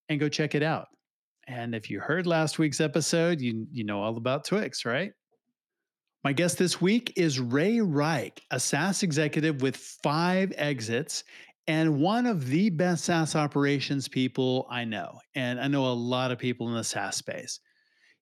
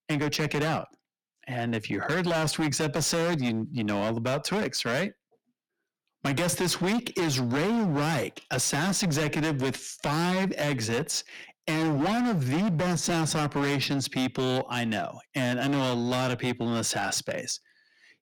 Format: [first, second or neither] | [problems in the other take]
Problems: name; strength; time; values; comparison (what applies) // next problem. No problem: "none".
first | distortion; heavy; 24% of the sound clipped